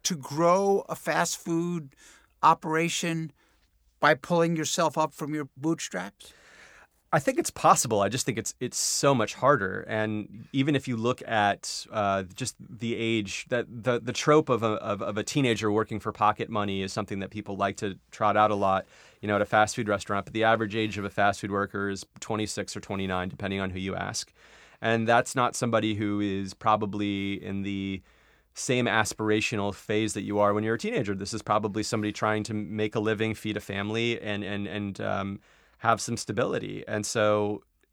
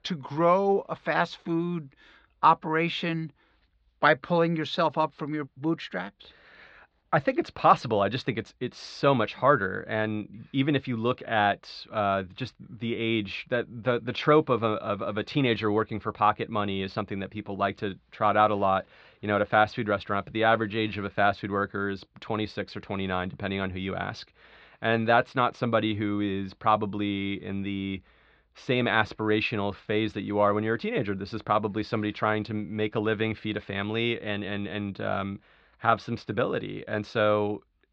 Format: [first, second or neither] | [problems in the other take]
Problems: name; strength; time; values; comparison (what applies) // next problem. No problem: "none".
first | muffled; slightly; fading above 4 kHz